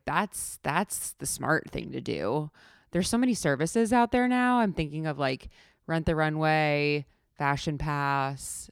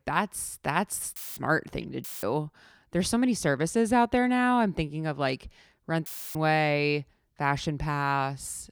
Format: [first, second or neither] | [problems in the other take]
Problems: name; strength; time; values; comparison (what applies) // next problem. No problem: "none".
first | audio cutting out; filled with static; at 1 s, at 2 s and at 6 s